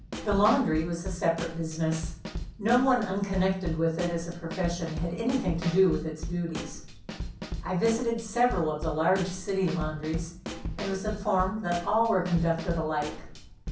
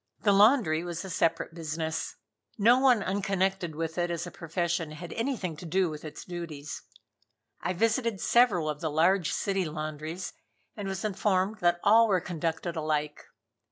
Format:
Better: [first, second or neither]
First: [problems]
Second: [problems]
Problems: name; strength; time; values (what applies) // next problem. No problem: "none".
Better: second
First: background sound (Snare drum / Drum kit); 9 dB below the speech // room echo; dies away in 0.6 s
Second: none